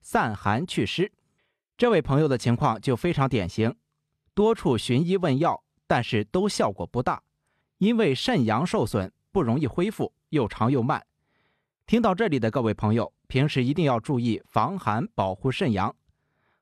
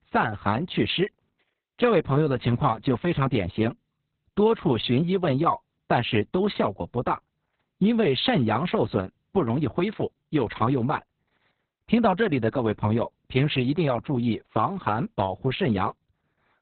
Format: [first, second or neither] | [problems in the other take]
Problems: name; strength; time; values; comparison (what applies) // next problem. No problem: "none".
first | garbled, watery; badly; nothing above 4 kHz